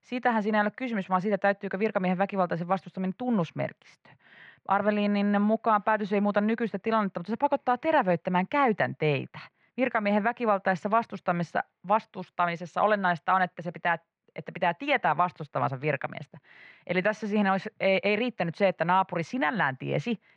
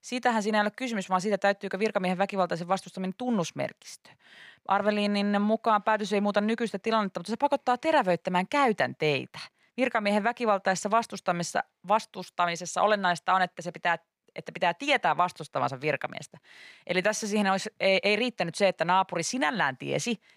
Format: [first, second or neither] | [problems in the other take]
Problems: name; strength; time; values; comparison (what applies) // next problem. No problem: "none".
second | muffled; slightly; fading above 2 kHz